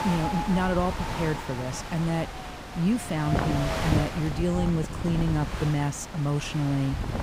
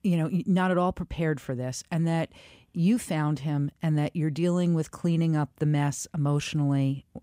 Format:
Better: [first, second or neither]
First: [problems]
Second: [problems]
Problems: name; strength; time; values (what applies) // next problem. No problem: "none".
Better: second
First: wind noise on the microphone; heavy; 1 dB below the speech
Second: none